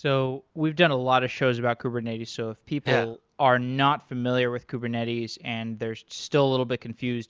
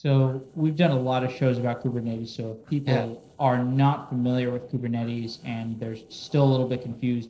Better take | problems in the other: first | noise reduction (neural separator model SepFormer DNS4)

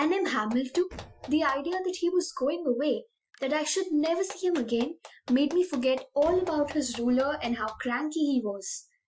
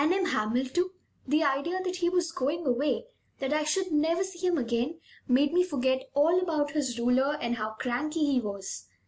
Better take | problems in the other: second | noise reduction (classical method Wiener filter)

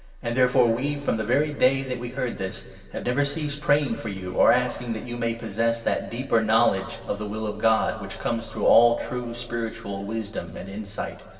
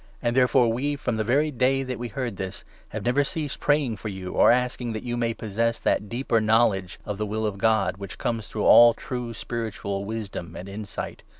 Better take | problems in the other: second | room echo; dies away in 2.1 s

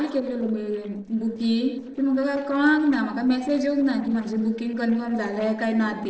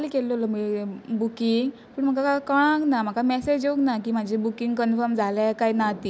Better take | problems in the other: second | noise reduction (neural separator model SepFormer DNS4)

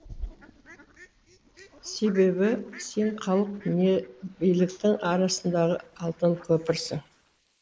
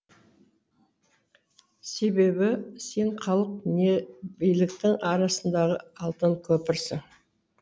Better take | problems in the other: second | noise reduction (neural mask model Resemble Enhance denoiser)

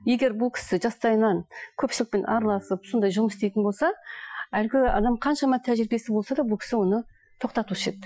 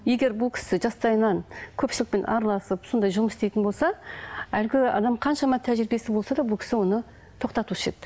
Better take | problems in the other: second | noise reduction (classical method Wiener filter)

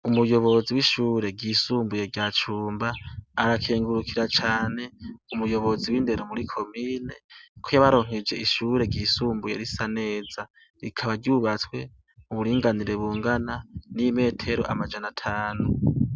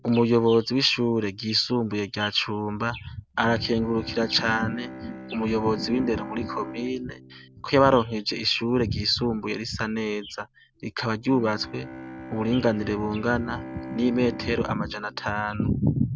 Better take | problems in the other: first | background sound (Bowed string instrument); 16 dB below the speech

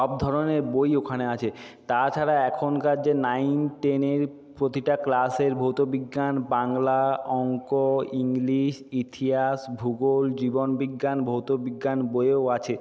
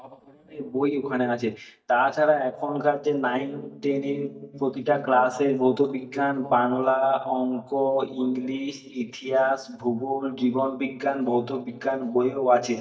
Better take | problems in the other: first | noise reduction (neural mask model DeepFilterNet 3)

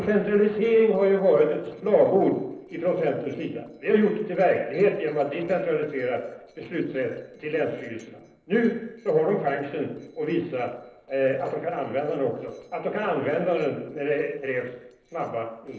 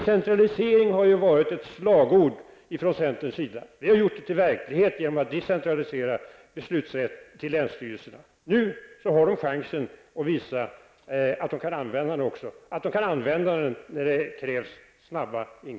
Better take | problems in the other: second | noise reduction (neural separator model SepFormer DNS4)

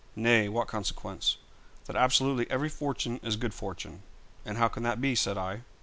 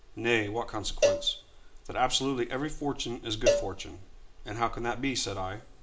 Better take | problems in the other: first | background sound (Cowbell); 1 dB below the speech // room echo; dies away in 0.5 s

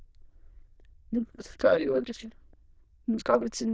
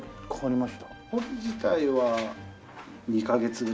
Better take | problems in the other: second | noise reduction (neural diffusion model UNIVERSE++)

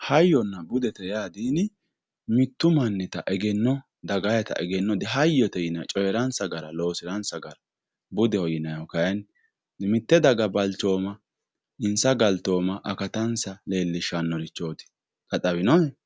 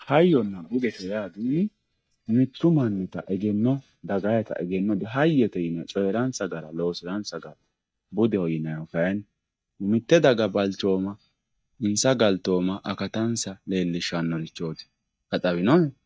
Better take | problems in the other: first | noise reduction (neural mask model DeepFilterNet 3)

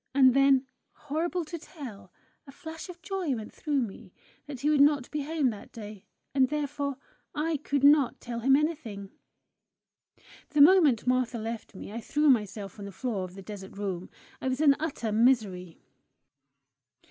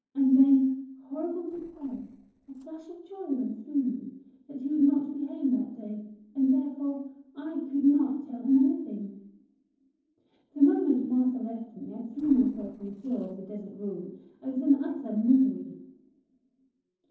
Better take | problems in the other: first | noise reduction (neural separator model SepFormer DNS4)

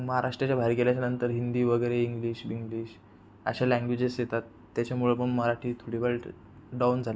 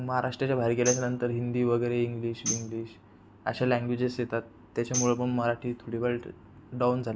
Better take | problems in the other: first | background sound (Tambourine); 10 dB below the speech

